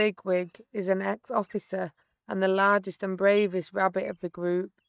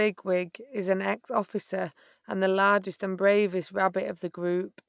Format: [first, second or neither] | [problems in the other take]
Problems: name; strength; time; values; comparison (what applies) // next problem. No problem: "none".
second | noise reduction (neural mask model DeepFilterNet 3)